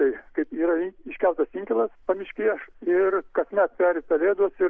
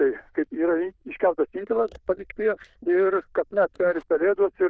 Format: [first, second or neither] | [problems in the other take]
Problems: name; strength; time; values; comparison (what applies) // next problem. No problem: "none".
first | noise reduction (neural diffusion model UNIVERSE++)